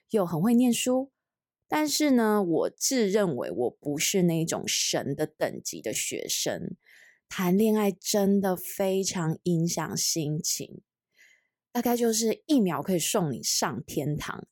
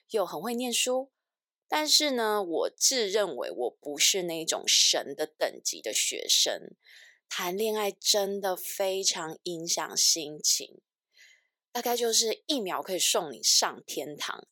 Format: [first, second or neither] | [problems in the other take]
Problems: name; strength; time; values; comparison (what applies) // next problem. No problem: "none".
first | thin; somewhat; fading below 500 Hz